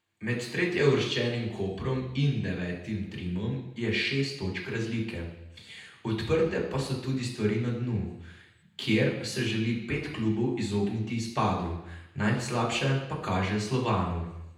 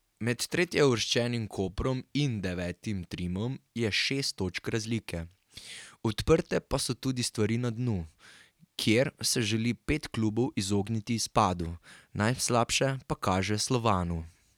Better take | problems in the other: second | room echo; dies away in 0.8 s

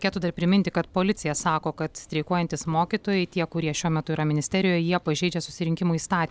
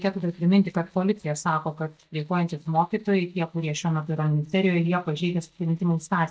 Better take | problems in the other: first | noise reduction (neural mask model DeepFilterNet 3)

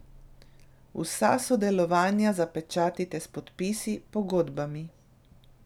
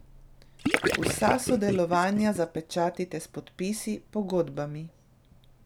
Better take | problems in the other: first | background sound (Gurgling / Liquid); 1 dB below the speech

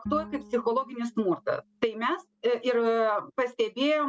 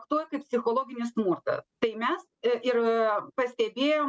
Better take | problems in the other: second | background sound (Bowed string instrument); 18 dB below the speech

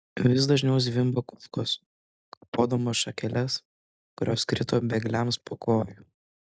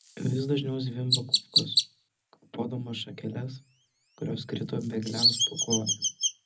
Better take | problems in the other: first | background sound (Chirp, tweet); 2 dB above the speech // room echo; dies away in 0.4 s

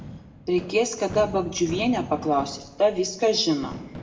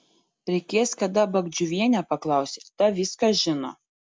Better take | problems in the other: second | background sound (Fireworks); 14 dB below the speech // room echo; dies away in 0.6 s

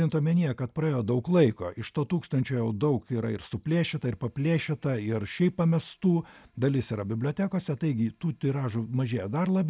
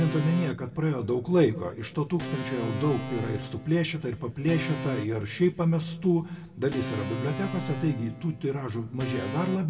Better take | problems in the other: first | background sound (Organ); 10 dB below the speech // room echo; dies away in 1 s

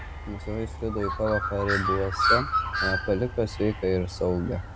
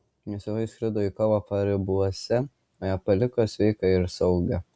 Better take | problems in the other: second | background sound (Bird); 1 dB below the speech

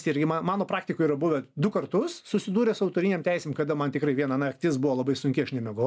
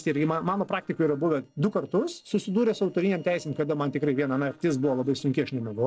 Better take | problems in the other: first | noise reduction (neural separator model SepFormer DNS4)

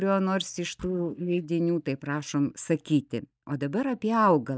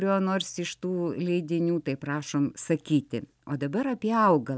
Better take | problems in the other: second | noise reduction (neural mask model DeepFilterNet 3)

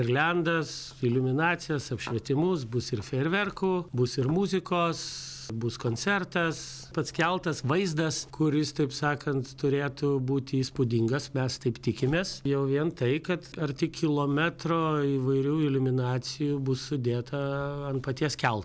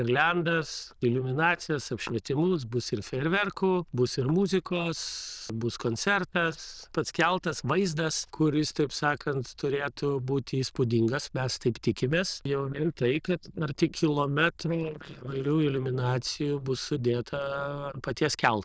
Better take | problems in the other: first | noise reduction (neural diffusion model UNIVERSE++)

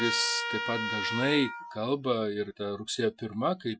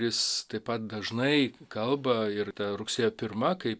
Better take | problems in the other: second | noise reduction (classical method Wiener filter)

